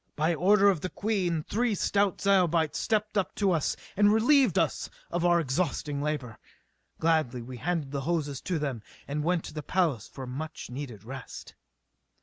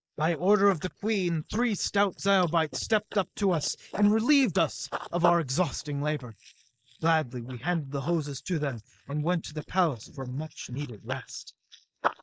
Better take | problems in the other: first | noise reduction (neural mask model Resemble Enhance denoiser)

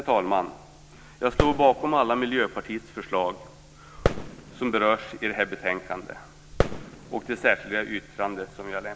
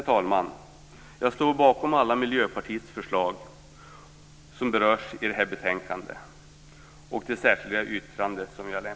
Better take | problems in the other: second | background sound (Fireworks); 6 dB below the speech

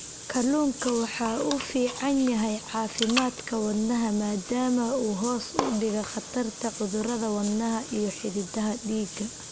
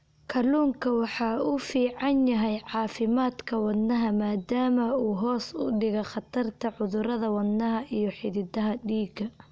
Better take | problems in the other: second | background sound (Bathtub (filling or washing) / Water); 9 dB below the speech

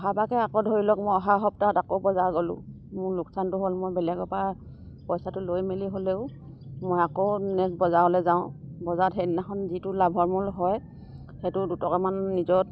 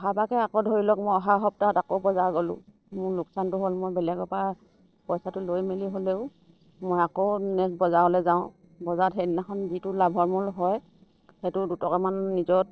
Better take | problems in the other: first | noise reduction (neural separator model SepFormer DNS4)

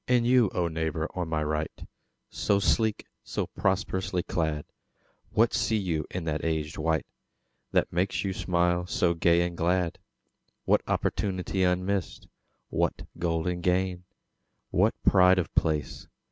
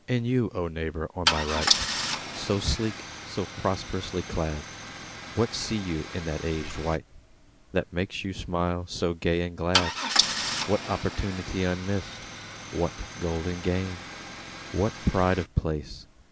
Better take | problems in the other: first | background sound (Idling / Engine starting / Car); 4 dB below the speech

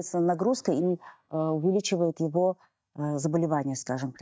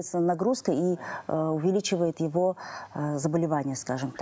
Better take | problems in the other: second | noise reduction (neural mask model DeepFilterNet 3)

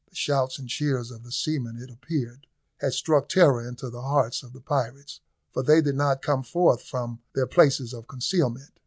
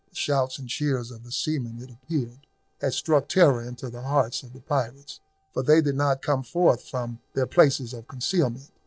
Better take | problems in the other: first | noise reduction (neural separator model SepFormer DNS4)

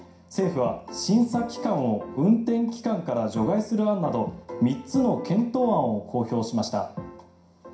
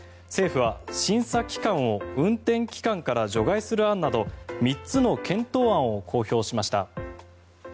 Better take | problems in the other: second | room echo; dies away in 0.5 s

